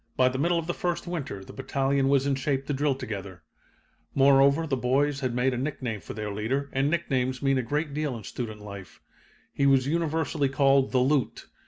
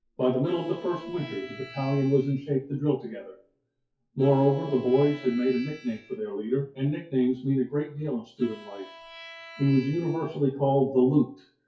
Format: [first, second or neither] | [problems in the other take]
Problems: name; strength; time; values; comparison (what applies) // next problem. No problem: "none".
first | noise reduction (classical method WPE with log-MMSE)